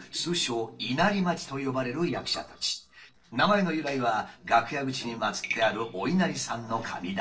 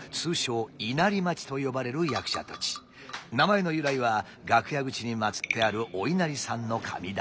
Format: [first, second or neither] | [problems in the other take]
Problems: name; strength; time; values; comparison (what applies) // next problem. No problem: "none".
second | noise reduction (neural separator model SepFormer DNS4)